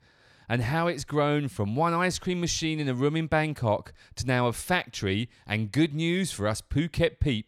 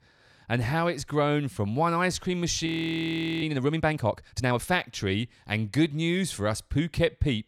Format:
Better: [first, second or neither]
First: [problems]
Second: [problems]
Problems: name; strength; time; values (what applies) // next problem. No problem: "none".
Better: first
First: none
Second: audio freezing; at 2.5 s for 1 s